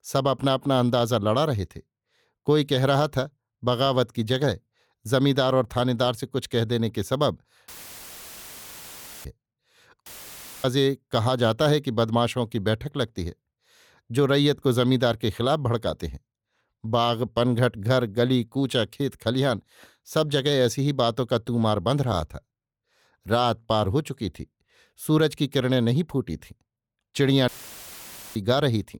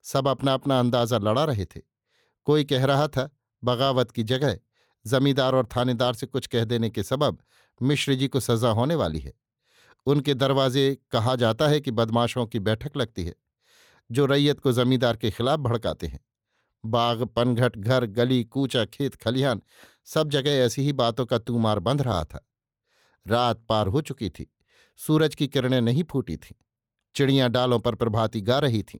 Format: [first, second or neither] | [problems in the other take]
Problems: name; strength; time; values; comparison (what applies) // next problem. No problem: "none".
second | audio cutting out; filled with static; at 7.5 s for 1.5 s, at 10 s for 0.5 s and at 27 s for 1 s